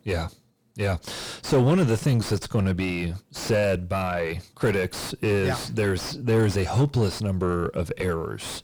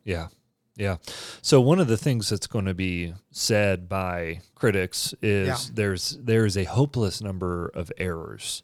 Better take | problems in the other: second | distortion; heavy; 5 dB below the speech

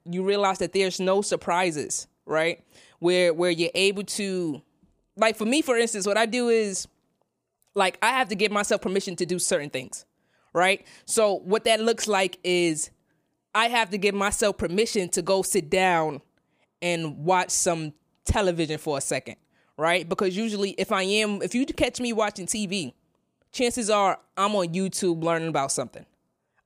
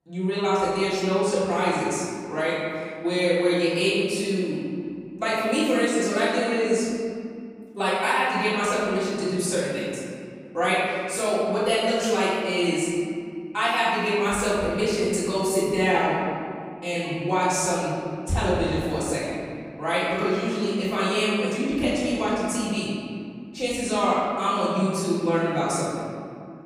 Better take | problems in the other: first | off-mic speech; far // room echo; strong; dies away in 2.2 s

